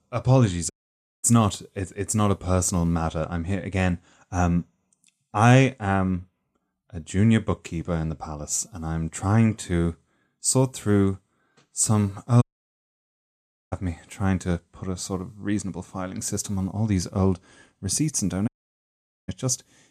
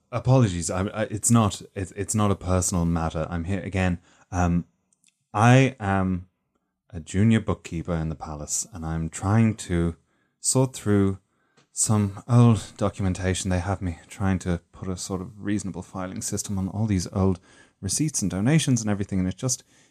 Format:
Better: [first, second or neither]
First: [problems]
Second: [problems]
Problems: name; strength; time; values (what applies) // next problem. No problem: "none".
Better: second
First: audio cutting out; at 0.5 s for 0.5 s, at 12 s for 1.5 s and at 18 s for 1 s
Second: none